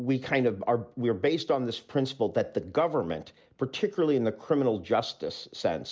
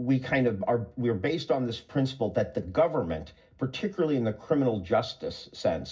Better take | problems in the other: first | room echo; dies away in 0.4 s

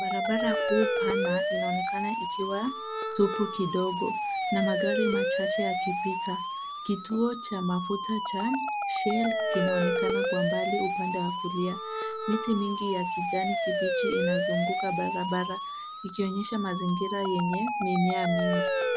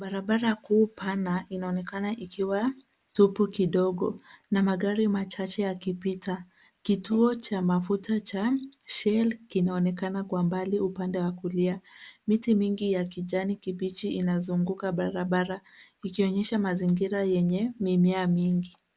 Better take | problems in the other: second | background sound (Siren); 1 dB above the speech

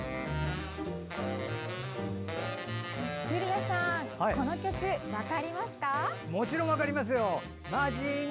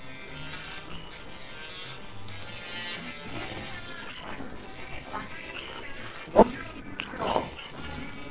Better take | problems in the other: first | noise reduction (neural separator model SepFormer WHAMR!)

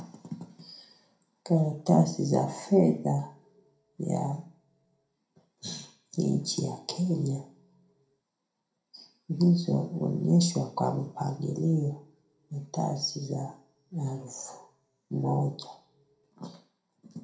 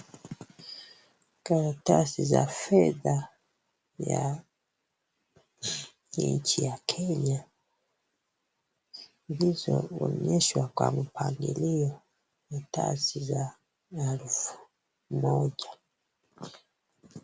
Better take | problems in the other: second | room echo; dies away in 0.4 s

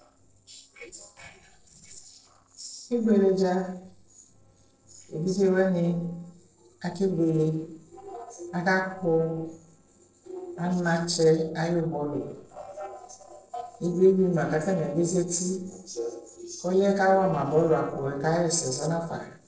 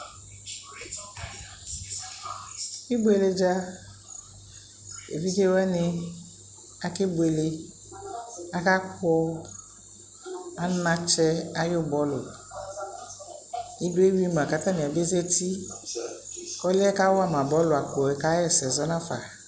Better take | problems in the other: second | noise reduction (neural separator model SepFormer DNS4)

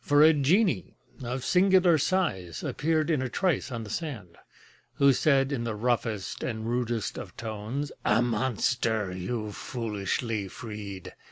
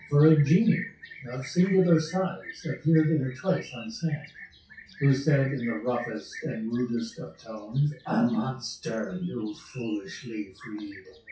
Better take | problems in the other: first | noise reduction (classical method WPE with log-MMSE)

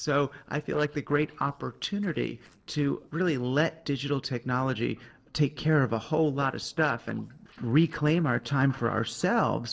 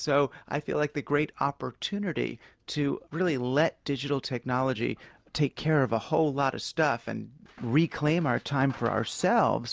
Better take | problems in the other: second | noise reduction (neural separator model SepFormer DNS4)

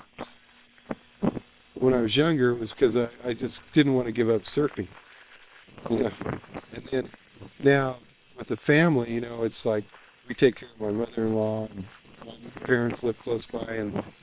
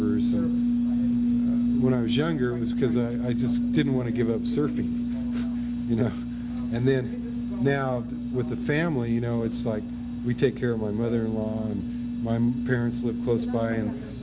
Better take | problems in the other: second | noise reduction (neural separator model SepFormer WHAM!)

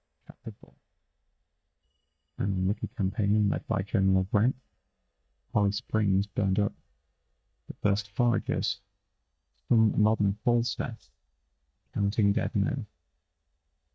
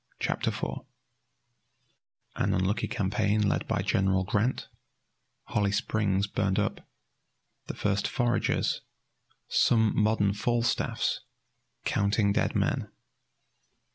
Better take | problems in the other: second | noise reduction (neural mask model DeepFilterNet 3)

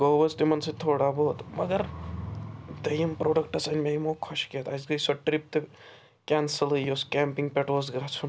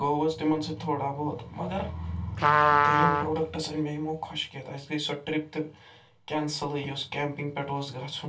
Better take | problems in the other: first | background sound (Trumpet); 4 dB above the speech // room echo; dies away in 0.2 s

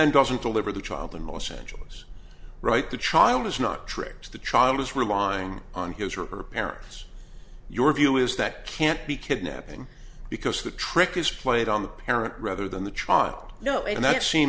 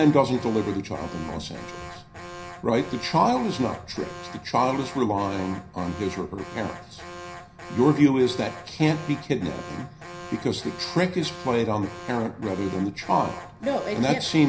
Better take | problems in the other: first | background sound (Alarm); 15 dB below the speech // room echo; dies away in 0.4 s

